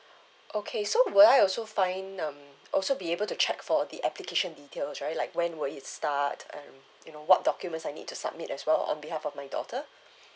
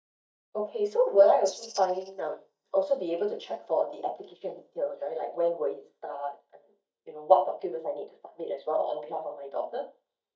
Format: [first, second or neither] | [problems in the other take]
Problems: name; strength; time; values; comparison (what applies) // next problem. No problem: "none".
first | noise reduction (neural mask model DeepFilterNet 3)